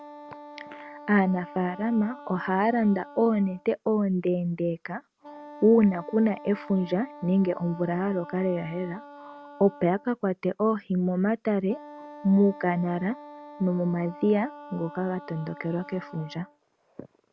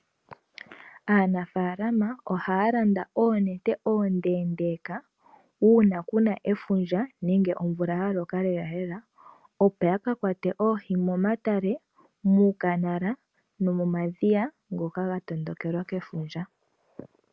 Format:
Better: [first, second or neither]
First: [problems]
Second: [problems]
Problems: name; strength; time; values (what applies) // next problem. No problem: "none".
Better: second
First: background sound (Wind instrument, woodwind instrument); 19 dB below the speech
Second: none